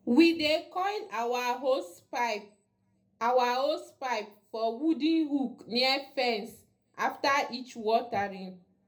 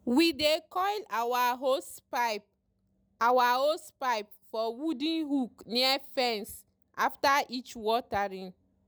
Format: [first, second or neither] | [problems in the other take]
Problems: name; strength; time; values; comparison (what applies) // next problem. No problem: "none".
second | room echo; dies away in 0.3 s